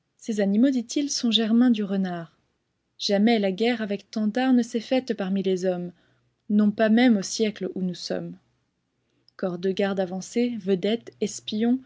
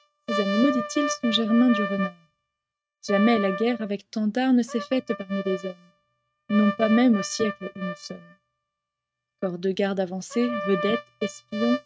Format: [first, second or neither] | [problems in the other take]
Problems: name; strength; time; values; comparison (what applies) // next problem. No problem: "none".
first | noise reduction (neural mask model RNNoise)